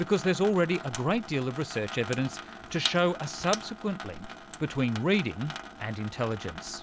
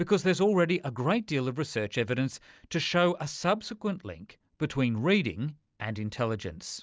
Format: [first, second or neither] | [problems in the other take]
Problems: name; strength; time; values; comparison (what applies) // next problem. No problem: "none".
second | background sound (Sink (filling or washing) / Water tap, faucet); 11 dB below the speech